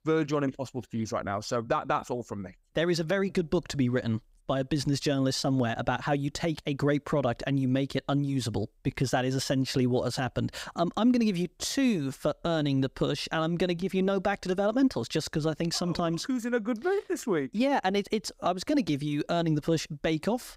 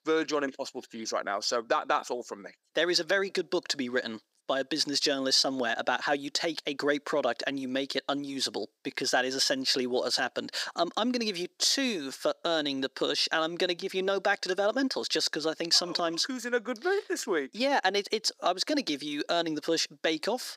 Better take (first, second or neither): first